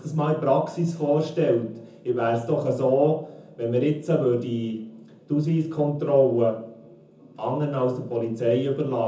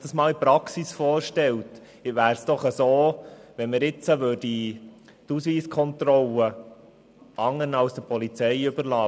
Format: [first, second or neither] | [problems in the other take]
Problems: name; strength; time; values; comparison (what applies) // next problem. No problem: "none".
second | room echo; dies away in 0.5 s